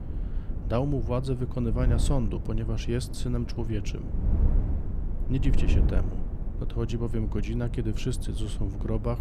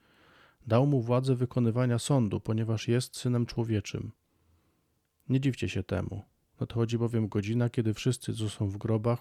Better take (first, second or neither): second